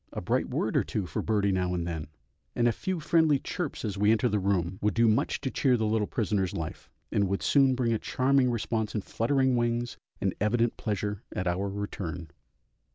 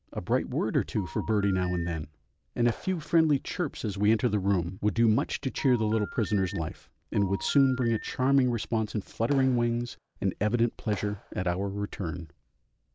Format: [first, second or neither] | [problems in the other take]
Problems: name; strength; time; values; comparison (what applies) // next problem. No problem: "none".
first | background sound (Telephone + Clapping); 18 dB below the speech